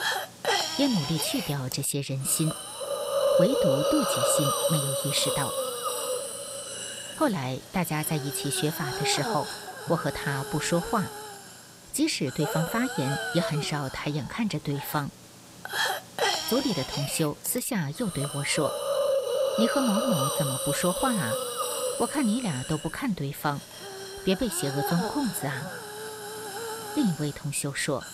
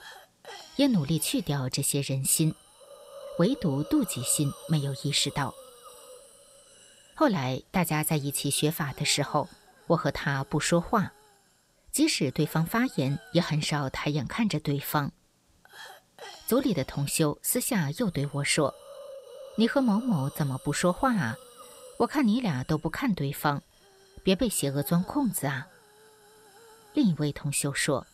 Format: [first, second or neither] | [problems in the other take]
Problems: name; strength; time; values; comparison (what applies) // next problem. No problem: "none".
second | hiss; loud; throughout; 1 dB below the speech; faint in the second